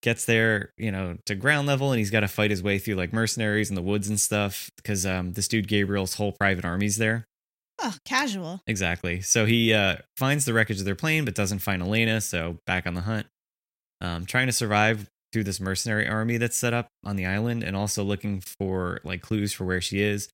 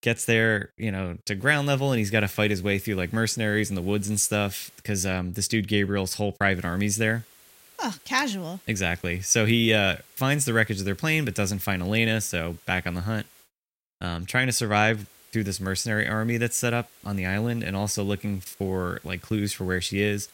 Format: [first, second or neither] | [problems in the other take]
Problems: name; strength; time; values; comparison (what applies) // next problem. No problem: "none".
first | hiss; faint; from 1.5 to 5 s, from 6.5 to 13 s and from 15 s on; 25 dB below the speech